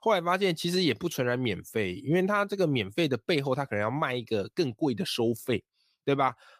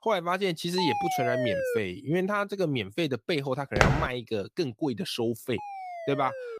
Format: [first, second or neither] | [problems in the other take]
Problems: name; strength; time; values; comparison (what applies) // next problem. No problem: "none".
first | siren; loud; from 1 to 2 s; peak 1 dB above the speech // footsteps; loud; at 4 s; peak 5 dB above the speech // siren; noticeable; from 5.5 s on; peak 8 dB below the speech